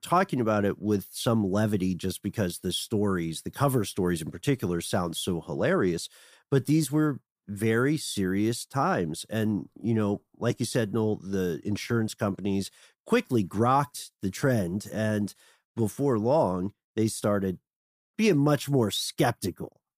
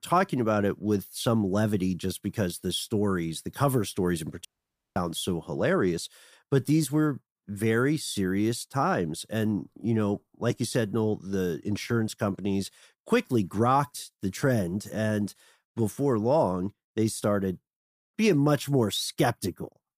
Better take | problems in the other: first | audio cutting out; at 4.5 s for 0.5 s

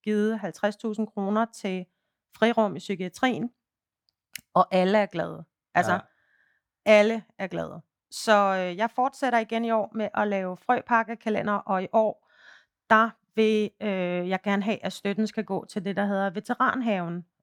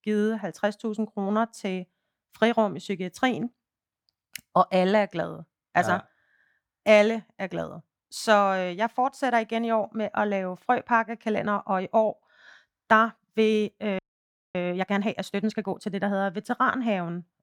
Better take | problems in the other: first | audio freezing; at 14 s for 0.5 s

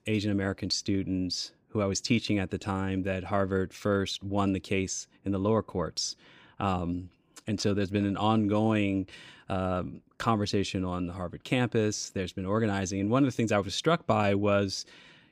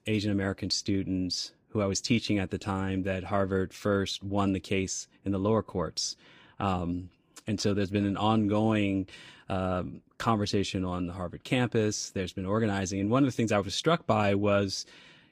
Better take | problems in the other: first | garbled, watery; slightly; nothing above 15 kHz

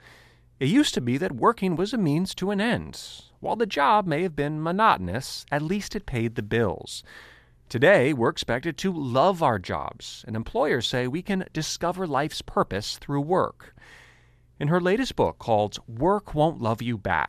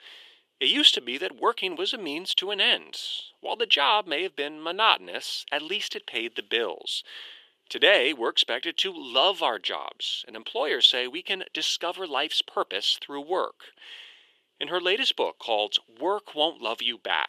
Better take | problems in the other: first | thin; somewhat; fading below 350 Hz

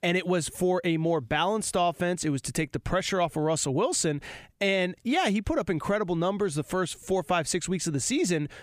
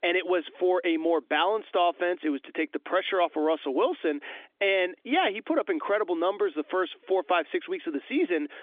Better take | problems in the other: first | phone-call audio; nothing above 3.5 kHz

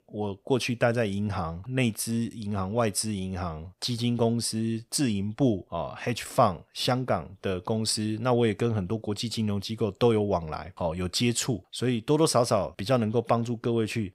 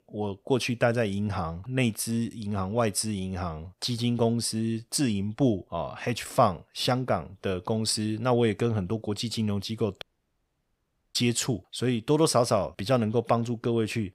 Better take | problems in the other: first | audio cutting out; at 10 s for 1 s

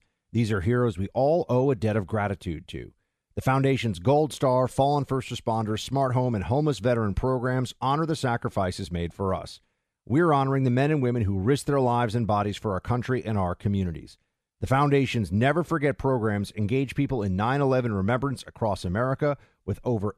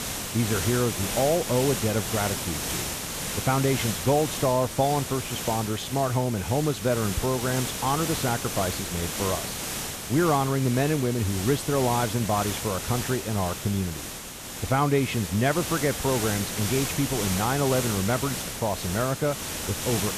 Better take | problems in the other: first | hiss; loud; throughout; 4 dB below the speech

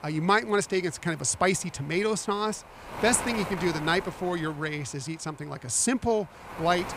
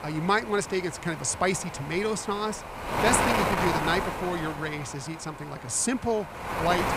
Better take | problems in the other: first | wind noise on the microphone; heavy; 1 dB below the speech; occasional gusts in the first

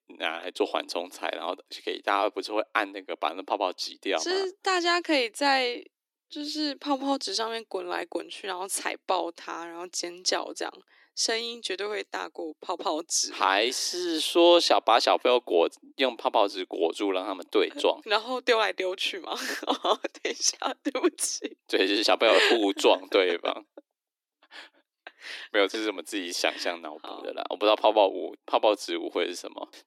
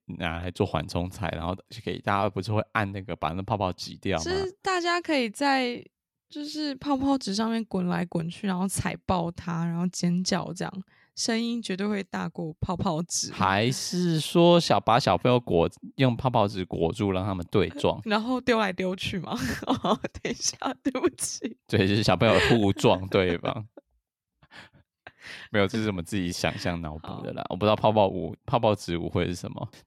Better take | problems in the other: second | thin; somewhat; fading below 300 Hz

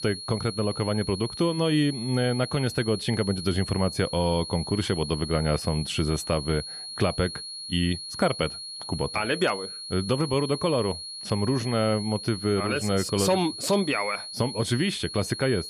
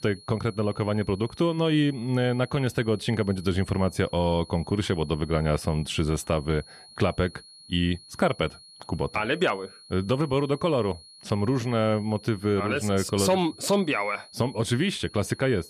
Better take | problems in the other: second | high-pitched whine; loud; throughout; 4.5 kHz, 8 dB below the speech; faint in the second

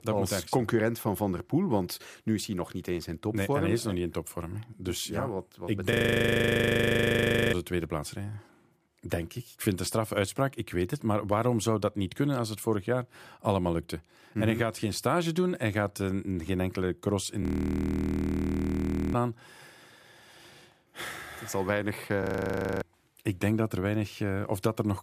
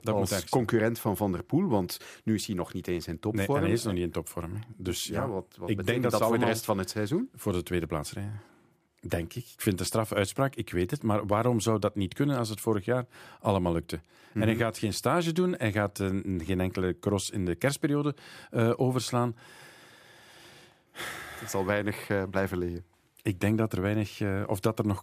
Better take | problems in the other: second | audio freezing; at 6 s for 1.5 s, at 17 s for 1.5 s and at 22 s for 0.5 s

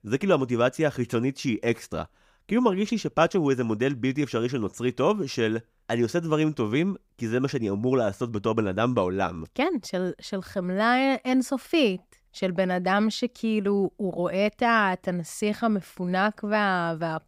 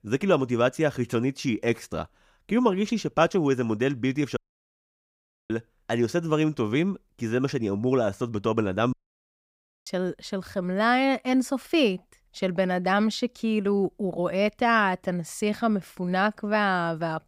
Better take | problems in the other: first | audio cutting out; at 4.5 s for 1 s and at 9 s for 1 s

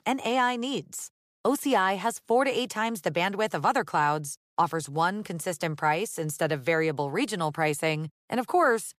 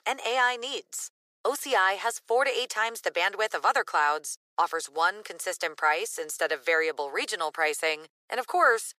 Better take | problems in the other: first | thin; very; fading below 450 Hz

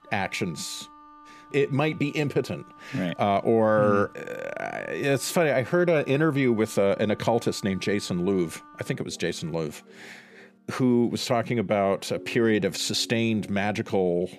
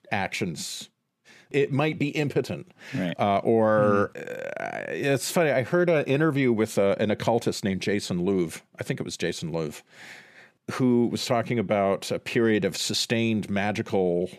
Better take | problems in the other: second | background music; faint; throughout; 25 dB below the speech

